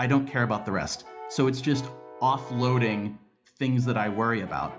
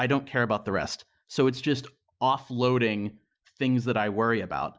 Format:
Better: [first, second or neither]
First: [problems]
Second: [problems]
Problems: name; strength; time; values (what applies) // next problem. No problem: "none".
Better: second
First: background sound (Brass instrument); 16 dB below the speech // room echo; dies away in 0.4 s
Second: none